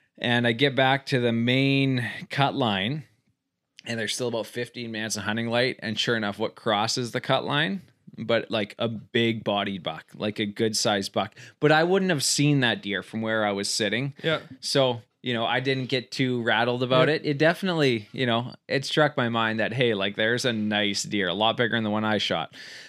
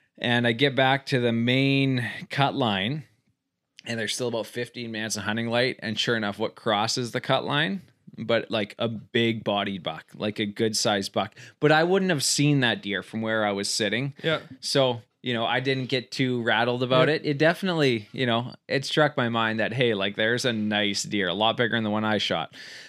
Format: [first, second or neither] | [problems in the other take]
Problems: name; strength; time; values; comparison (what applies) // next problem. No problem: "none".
neither | none